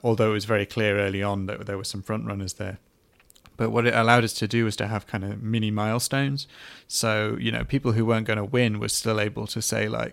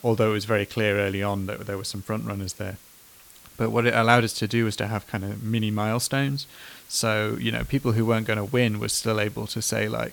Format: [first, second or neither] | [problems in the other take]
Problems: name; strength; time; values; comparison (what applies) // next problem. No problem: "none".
first | hiss; faint; throughout; 25 dB below the speech